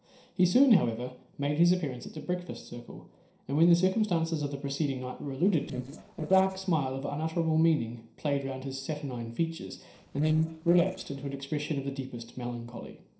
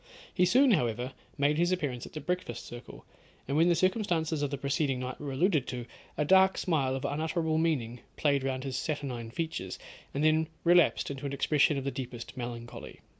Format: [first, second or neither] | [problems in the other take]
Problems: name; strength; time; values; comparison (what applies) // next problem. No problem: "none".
second | noise reduction (neural separator model SepFormer DNS4)